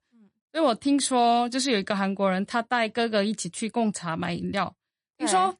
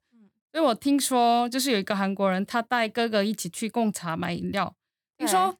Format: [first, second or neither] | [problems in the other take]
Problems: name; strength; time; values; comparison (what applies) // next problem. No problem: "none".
second | garbled, watery; slightly; nothing above 10.5 kHz